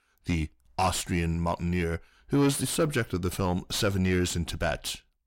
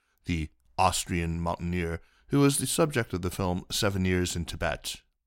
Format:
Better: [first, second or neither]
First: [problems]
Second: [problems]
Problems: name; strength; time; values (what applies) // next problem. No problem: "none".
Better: second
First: distortion; slight; 10 dB below the speech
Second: none